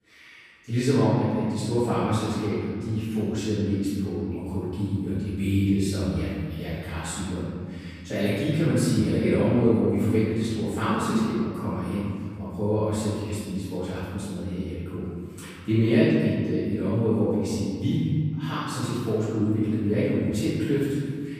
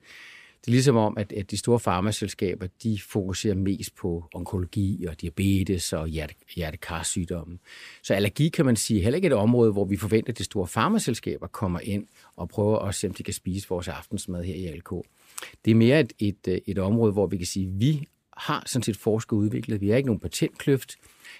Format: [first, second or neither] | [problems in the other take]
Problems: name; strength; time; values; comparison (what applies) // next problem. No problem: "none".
second | room echo; strong; dies away in 2.2 s // off-mic speech; far